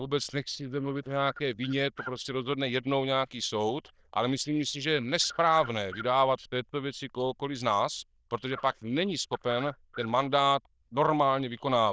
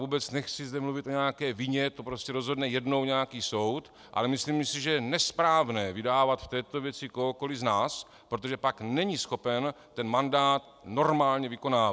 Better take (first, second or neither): second